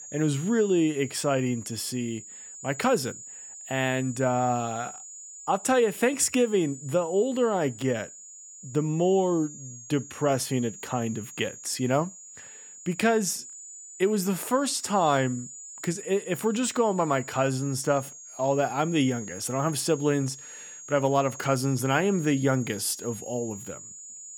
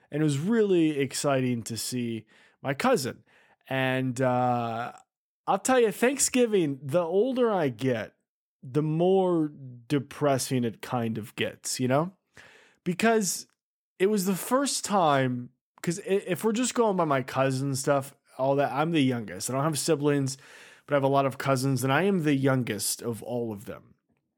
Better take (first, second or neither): second